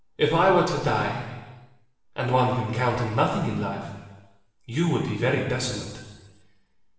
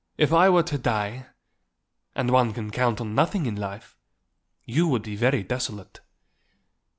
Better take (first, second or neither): second